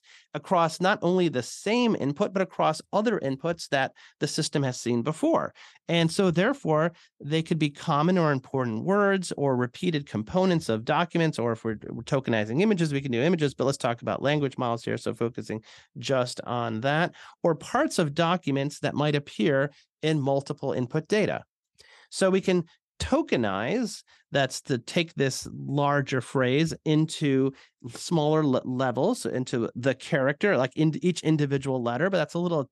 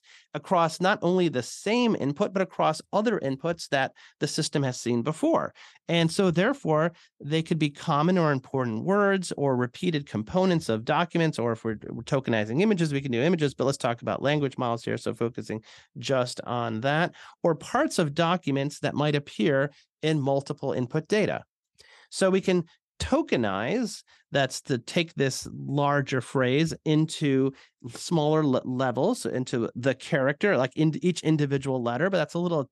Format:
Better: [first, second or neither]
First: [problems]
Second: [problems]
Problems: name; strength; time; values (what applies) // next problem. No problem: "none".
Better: neither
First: none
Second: none